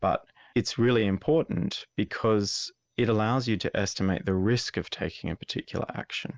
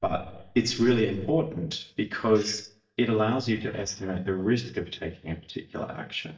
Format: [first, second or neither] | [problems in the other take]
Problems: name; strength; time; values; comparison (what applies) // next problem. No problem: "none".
first | noise reduction (neural mask model DeepFilterNet 3)